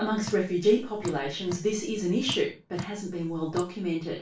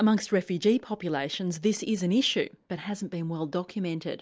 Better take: second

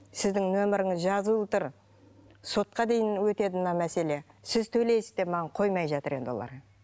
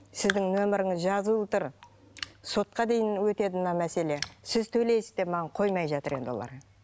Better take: first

